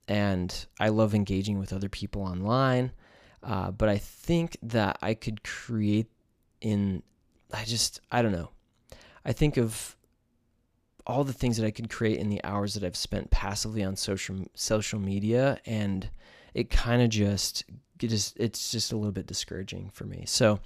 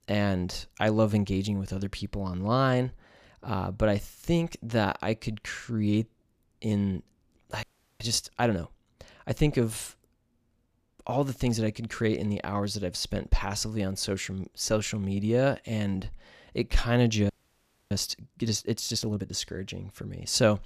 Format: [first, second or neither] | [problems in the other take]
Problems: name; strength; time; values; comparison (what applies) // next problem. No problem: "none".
first | audio freezing; at 7.5 s and at 17 s for 0.5 s